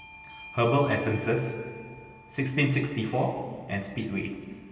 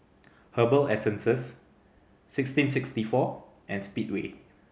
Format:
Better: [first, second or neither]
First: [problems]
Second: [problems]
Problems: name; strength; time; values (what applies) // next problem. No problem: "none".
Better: second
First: background sound (Bell / Doorbell); 19 dB below the speech // room echo; dies away in 2.3 s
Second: none